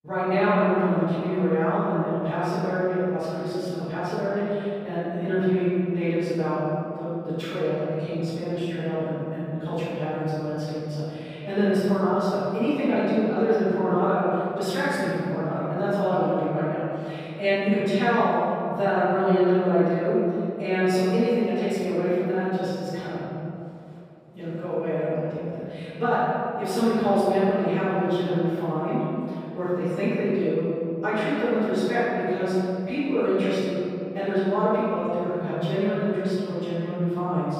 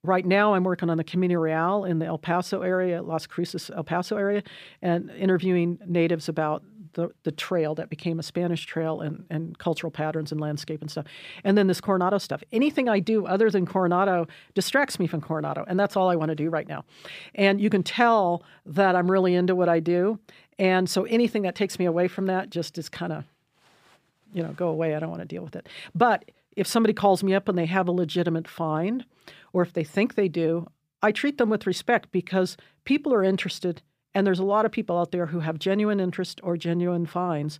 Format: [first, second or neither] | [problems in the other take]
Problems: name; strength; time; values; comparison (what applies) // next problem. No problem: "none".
second | off-mic speech; far // room echo; strong; dies away in 2.7 s